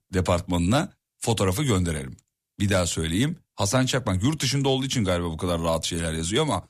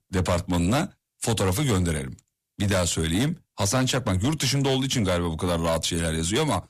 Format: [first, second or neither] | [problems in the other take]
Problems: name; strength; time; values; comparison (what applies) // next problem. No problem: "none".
first | distortion; slight; 13% of the sound clipped